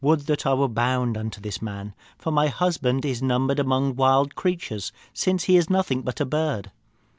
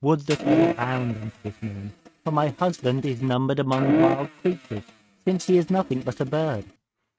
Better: first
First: none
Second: noise reduction (neural mask model RNNoise)

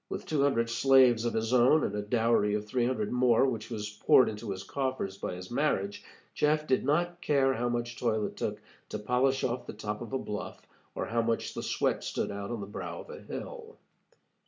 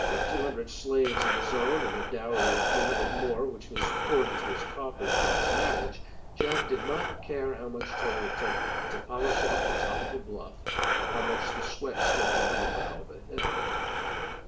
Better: first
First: none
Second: background sound (Breathing); 4 dB above the speech // room echo; dies away in 0.8 s

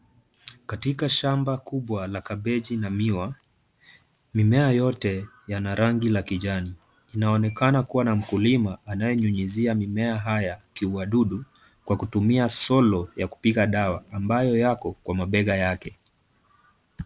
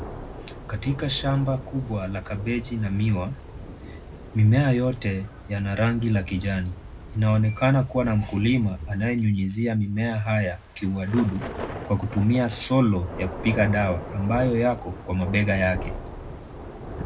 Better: first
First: none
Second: background sound (Thunder / Rain); 13 dB below the speech // room echo; dies away in 0.3 s

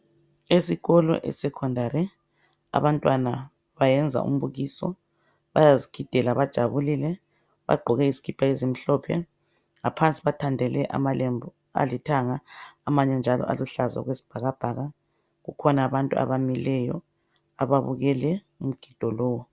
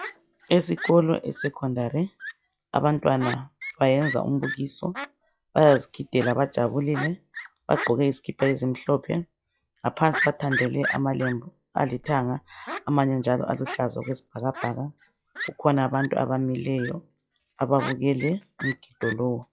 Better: first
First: none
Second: noise reduction (classical method log-MMSE)

